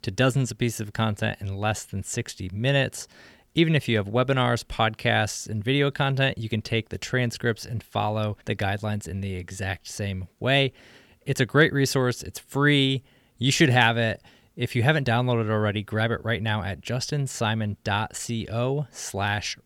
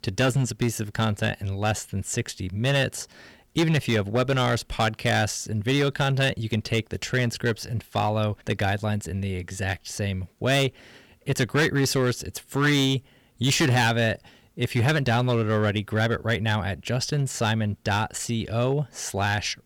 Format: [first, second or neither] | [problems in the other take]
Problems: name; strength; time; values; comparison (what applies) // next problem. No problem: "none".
first | distortion; slight; 6% of the sound clipped